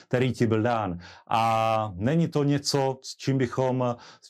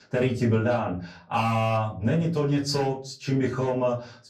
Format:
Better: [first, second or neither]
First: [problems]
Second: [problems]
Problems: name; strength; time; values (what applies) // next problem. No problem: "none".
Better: first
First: none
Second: off-mic speech; far // room echo; very slight; dies away in 0.3 s